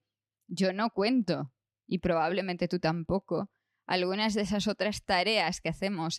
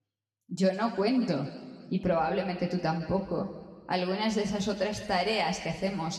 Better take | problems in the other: first | room echo; noticeable; dies away in 1.8 s // off-mic speech; somewhat distant

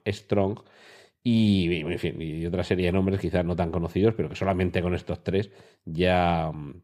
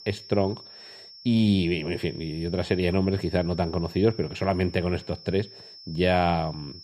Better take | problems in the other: first | high-pitched whine; noticeable; throughout; 5.5 kHz, 15 dB below the speech

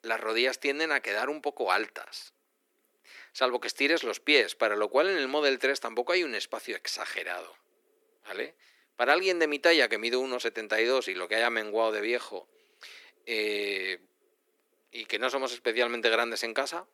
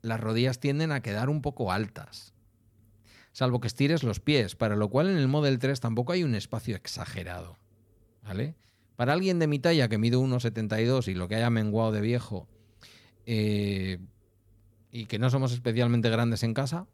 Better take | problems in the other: second | thin; very; fading below 350 Hz

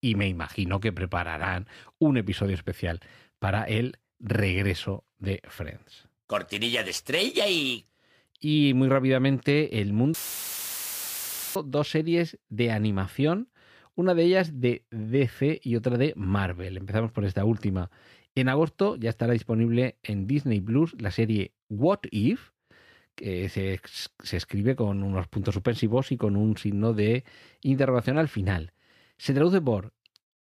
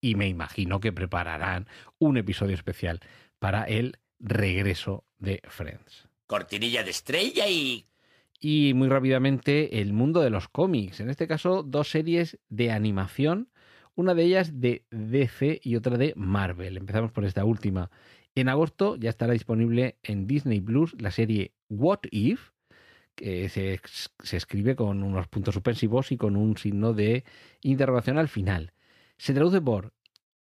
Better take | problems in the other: second | audio cutting out; filled with static; at 10 s for 1.5 s

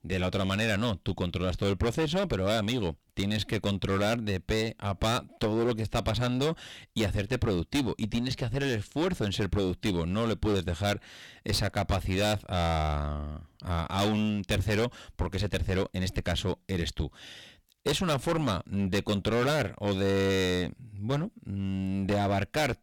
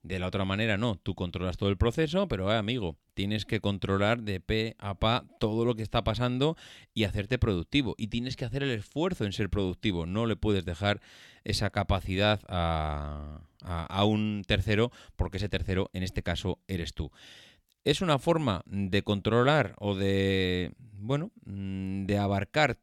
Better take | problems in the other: second | distortion; heavy; 15% of the sound clipped

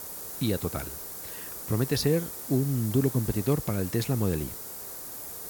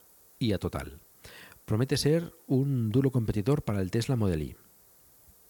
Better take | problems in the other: second | hiss; loud; throughout; 8 dB below the speech; faint in the second

